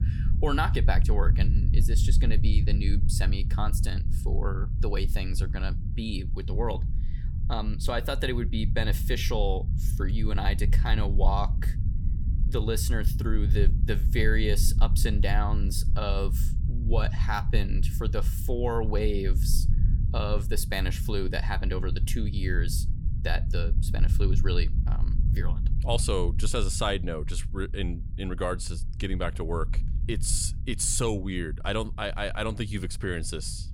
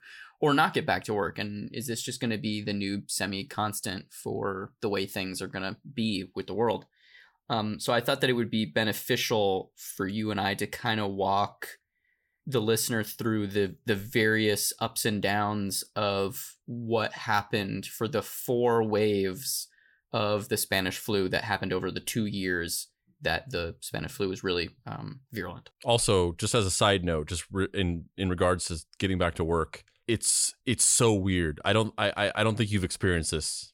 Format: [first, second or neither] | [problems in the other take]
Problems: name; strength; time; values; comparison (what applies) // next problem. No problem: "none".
second | low rumble; noticeable; throughout; 10 dB below the speech